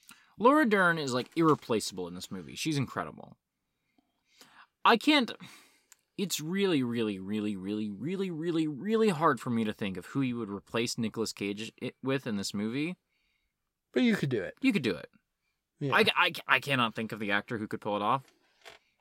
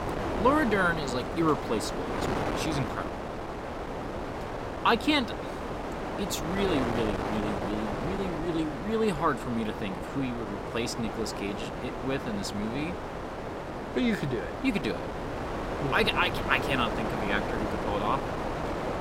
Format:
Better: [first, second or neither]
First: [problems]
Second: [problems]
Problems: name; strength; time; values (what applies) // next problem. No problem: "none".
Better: first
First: none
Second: wind noise on the microphone; heavy; 4 dB below the speech